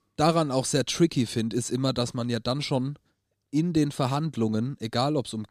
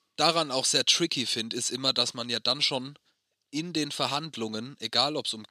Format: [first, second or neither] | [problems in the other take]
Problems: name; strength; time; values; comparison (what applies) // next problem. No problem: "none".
first | thin; somewhat; fading below 1 kHz